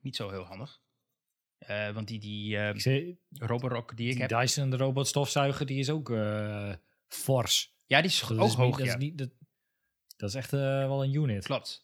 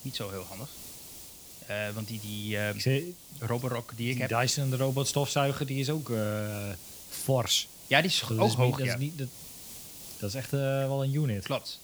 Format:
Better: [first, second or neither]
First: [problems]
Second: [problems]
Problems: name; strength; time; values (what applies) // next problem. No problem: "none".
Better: first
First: none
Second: hiss; noticeable; throughout; 15 dB below the speech